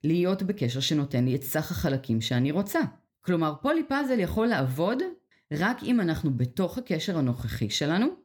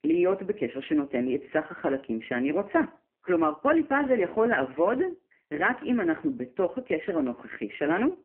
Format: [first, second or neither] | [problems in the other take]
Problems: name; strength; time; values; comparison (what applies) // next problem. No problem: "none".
first | phone-call audio; poor line